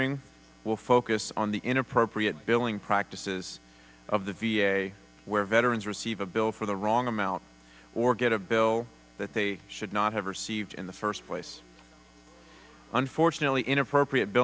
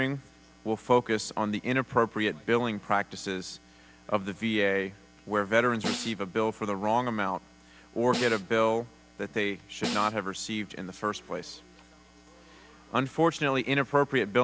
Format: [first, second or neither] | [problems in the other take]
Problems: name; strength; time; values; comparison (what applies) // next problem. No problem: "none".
first | background sound (Snare drum); 9 dB below the speech